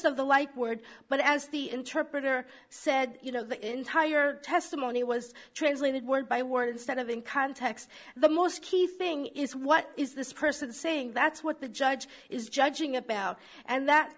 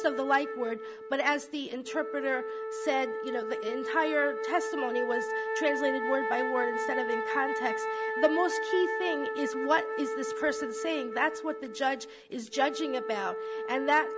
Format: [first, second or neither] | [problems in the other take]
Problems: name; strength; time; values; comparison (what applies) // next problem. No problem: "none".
first | background sound (Wind instrument, woodwind instrument); 3 dB below the speech